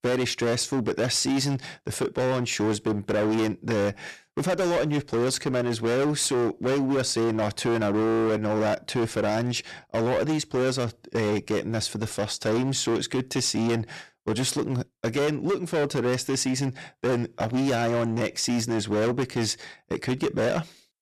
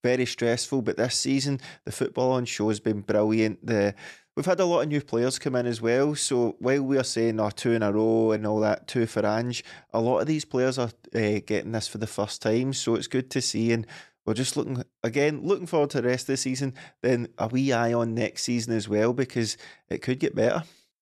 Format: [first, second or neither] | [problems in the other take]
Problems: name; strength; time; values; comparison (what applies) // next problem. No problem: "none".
second | distortion; heavy; 22% of the sound clipped